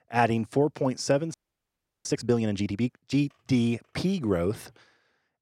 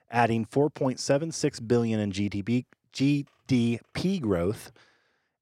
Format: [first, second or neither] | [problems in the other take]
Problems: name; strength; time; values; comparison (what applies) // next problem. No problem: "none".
second | audio freezing; at 1.5 s for 0.5 s